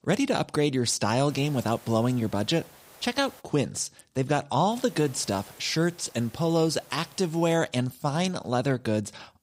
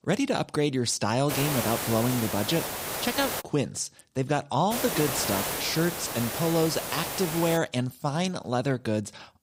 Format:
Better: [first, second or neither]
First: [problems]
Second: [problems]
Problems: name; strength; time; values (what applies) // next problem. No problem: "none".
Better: first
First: hiss; faint; from 1.5 to 3.5 s and from 4.5 to 7.5 s; 25 dB below the speech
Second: hiss; loud; from 1.5 to 3.5 s and from 4.5 to 7.5 s; 3 dB below the speech